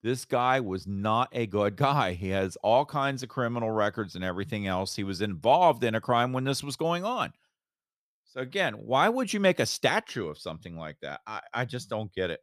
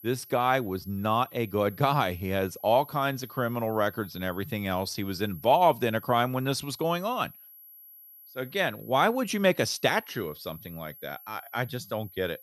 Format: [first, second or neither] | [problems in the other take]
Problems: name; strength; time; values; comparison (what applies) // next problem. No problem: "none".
first | high-pitched whine; noticeable; throughout; 11.5 kHz, 20 dB below the speech